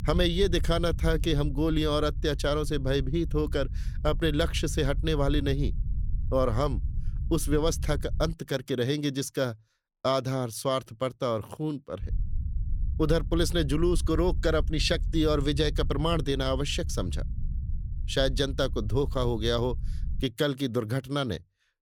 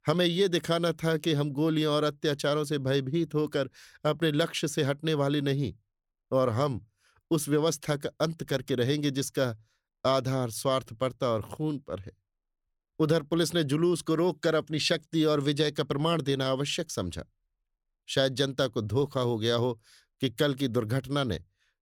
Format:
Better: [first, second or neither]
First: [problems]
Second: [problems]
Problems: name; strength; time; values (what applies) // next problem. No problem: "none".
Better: second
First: low rumble; faint; until 8.5 s and from 12 to 20 s; 20 dB below the speech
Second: none